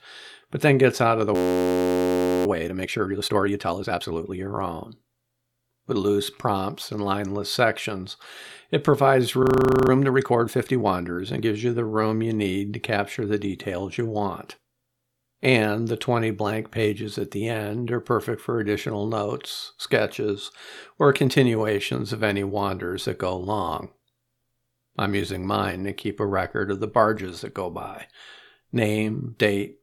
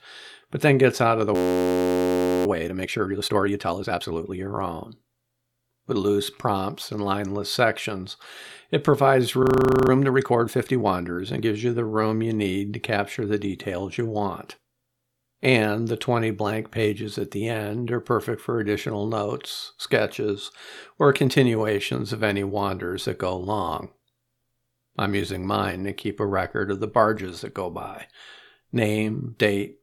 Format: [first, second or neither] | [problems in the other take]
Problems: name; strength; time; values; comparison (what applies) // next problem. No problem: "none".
neither | audio freezing; at 1.5 s for 1 s and at 9.5 s; the same in both